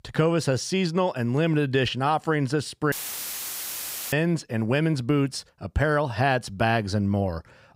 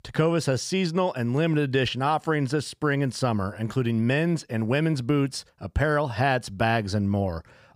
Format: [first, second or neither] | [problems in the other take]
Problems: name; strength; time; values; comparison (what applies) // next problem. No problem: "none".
second | audio cutting out; filled with static; at 3 s for 1 s